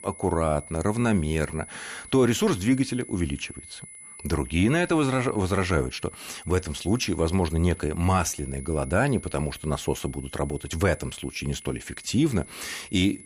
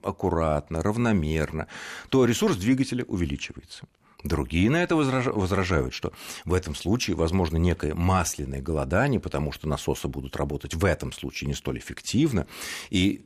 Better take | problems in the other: second | high-pitched whine; noticeable; throughout; 10 kHz, 15 dB below the speech

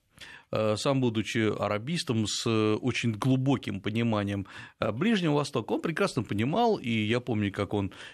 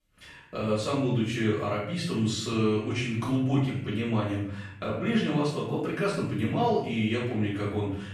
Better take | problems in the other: first | off-mic speech; far // room echo; noticeable; dies away in 0.7 s

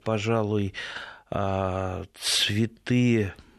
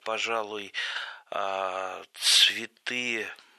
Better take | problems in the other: first | thin; very; fading below 750 Hz

